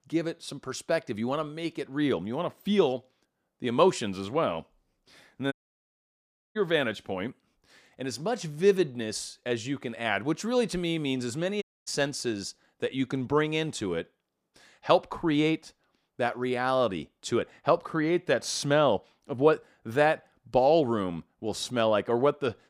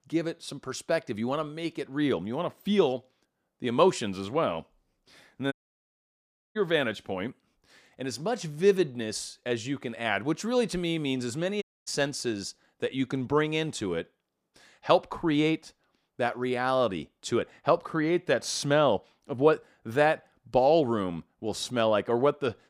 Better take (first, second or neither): neither